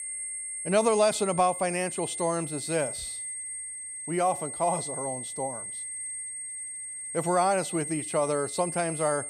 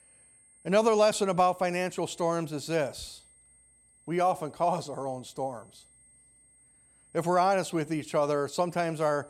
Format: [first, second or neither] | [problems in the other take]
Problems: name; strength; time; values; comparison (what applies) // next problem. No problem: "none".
second | high-pitched whine; loud; throughout; 8.5 kHz, 6 dB below the speech; faint in the second